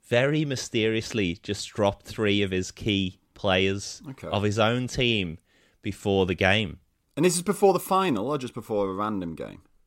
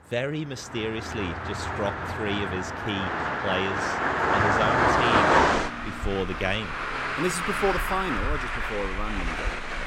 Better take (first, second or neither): first